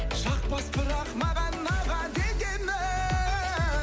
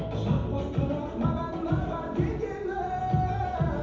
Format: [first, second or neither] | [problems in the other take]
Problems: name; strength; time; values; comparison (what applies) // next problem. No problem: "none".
first | room echo; dies away in 0.9 s